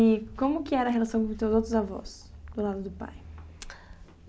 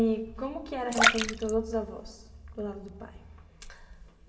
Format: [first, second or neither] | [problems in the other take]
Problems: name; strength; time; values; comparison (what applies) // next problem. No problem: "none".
first | background sound (Splash, splatter); 3 dB above the speech // room echo; dies away in 1.2 s